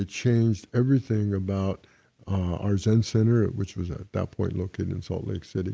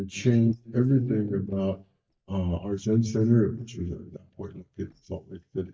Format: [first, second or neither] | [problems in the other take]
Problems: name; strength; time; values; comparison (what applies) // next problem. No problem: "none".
first | noise reduction (neural mask model DeepFilterNet 3)